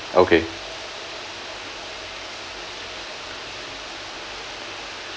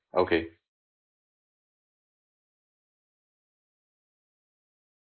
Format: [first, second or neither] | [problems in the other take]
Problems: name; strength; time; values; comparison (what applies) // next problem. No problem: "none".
first | noise reduction (neural mask model Resemble Enhance denoiser)